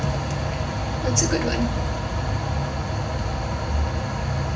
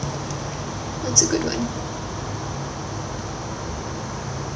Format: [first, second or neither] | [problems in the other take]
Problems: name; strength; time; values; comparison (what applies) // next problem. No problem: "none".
second | room echo; dies away in 0.4 s